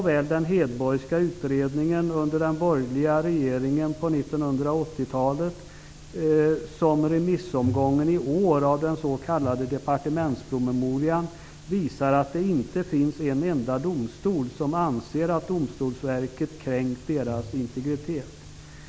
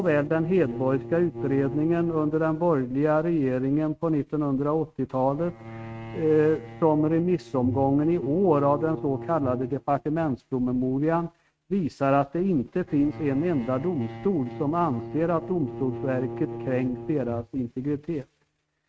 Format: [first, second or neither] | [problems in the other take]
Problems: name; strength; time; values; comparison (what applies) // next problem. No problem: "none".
first | noise reduction (neural mask model RNNoise)